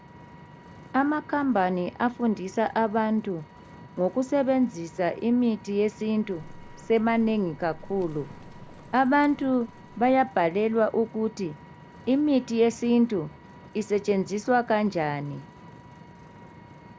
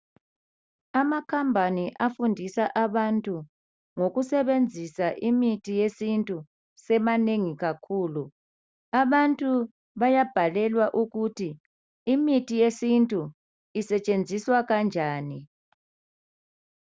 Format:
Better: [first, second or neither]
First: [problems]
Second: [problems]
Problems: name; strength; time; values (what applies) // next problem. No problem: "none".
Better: second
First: background sound (Vehicle + Livestock, farm animals, working animals); 20 dB below the speech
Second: none